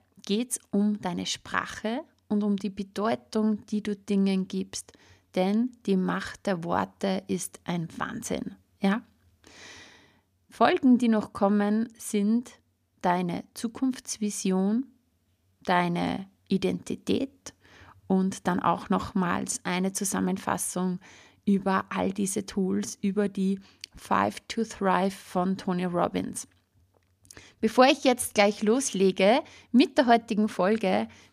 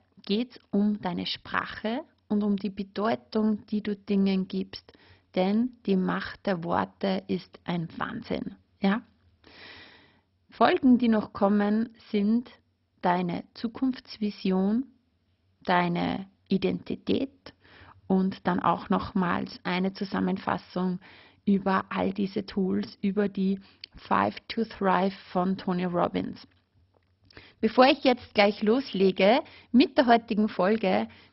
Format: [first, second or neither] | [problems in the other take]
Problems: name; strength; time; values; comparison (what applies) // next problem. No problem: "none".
first | garbled, watery; badly; nothing above 5.5 kHz